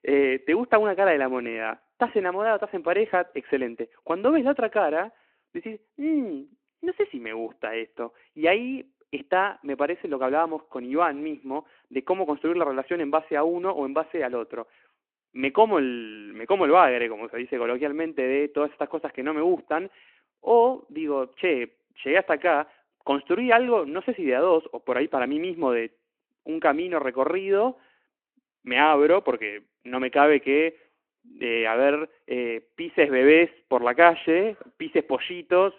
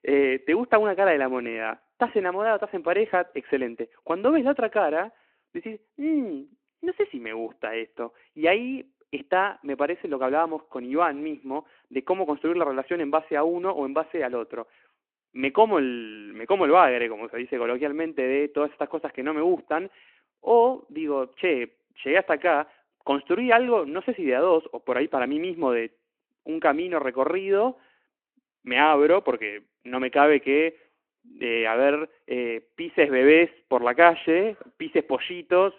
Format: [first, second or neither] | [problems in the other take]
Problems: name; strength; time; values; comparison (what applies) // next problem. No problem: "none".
neither | phone-call audio; the same in both